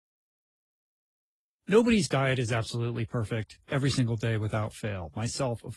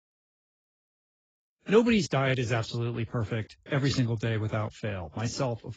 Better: first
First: garbled, watery; slightly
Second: garbled, watery; badly; nothing above 7.5 kHz

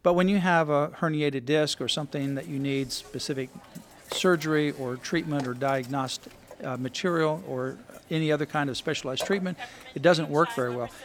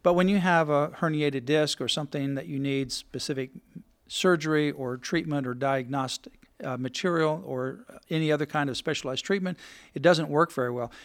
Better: second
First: hiss; noticeable; from 1.5 s on; 15 dB below the speech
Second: none

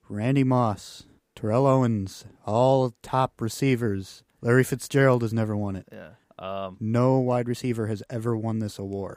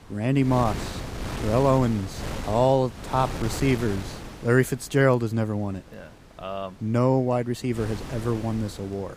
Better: first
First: none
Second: wind noise on the microphone; occasional gusts; 10 dB below the speech

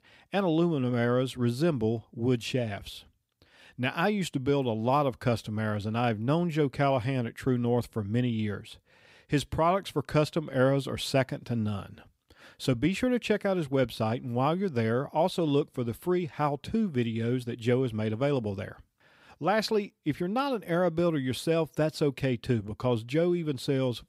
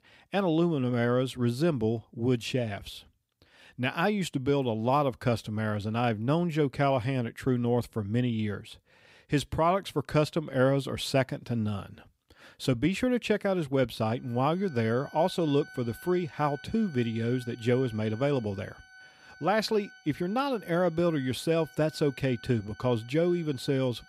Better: first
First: none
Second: background music; faint; from 14 s on; 20 dB below the speech

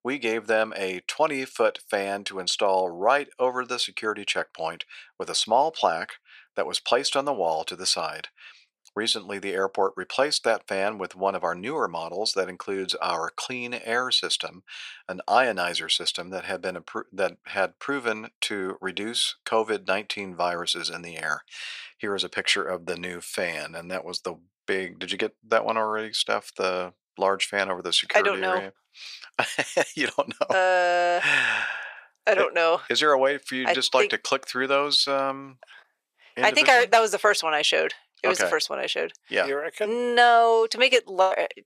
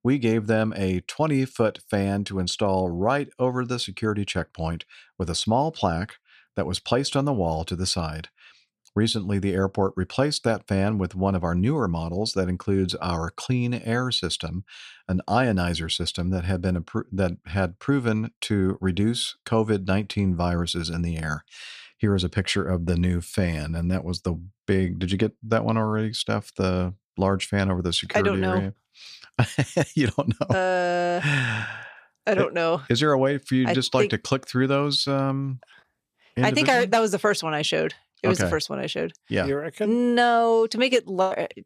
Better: second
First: thin; very; fading below 600 Hz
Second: none

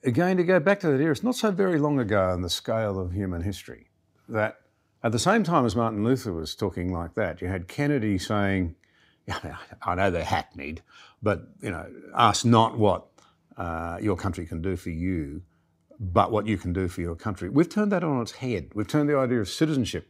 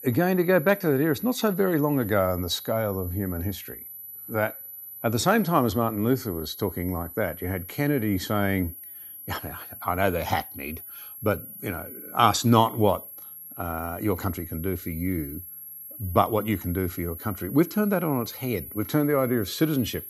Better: first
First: none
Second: high-pitched whine; noticeable; throughout; 11.5 kHz, 10 dB below the speech

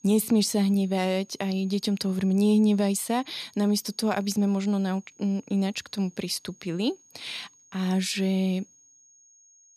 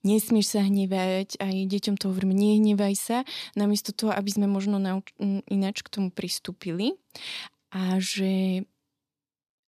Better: second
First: high-pitched whine; faint; throughout; 6.5 kHz, 30 dB below the speech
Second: none

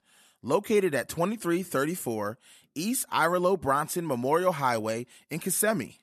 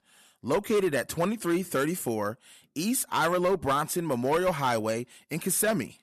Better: first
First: none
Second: distortion; slight; 6% of the sound clipped

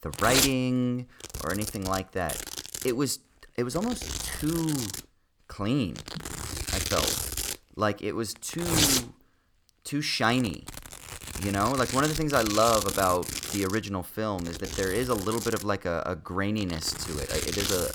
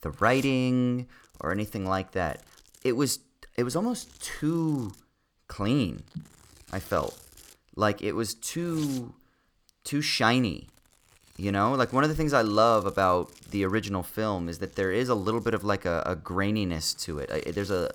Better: second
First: household noises; loud; throughout; 2 dB below the speech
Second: household noises; faint; throughout; 25 dB below the speech

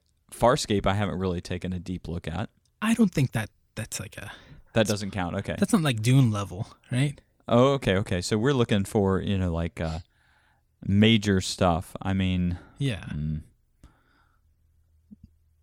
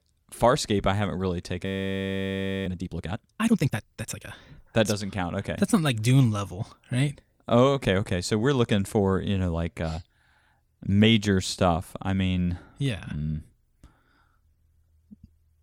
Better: first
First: none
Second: audio freezing; at 1.5 s for 1 s

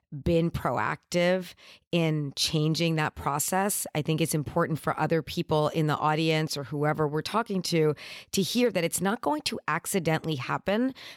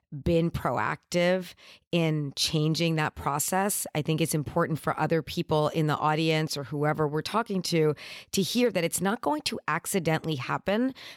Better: neither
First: none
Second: none

